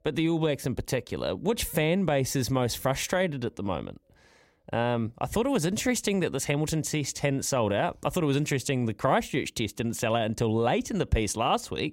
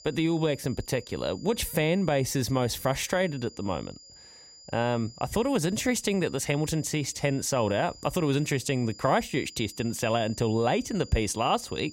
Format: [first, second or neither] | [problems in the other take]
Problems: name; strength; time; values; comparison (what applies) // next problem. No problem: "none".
first | high-pitched whine; noticeable; throughout; 5 kHz, 20 dB below the speech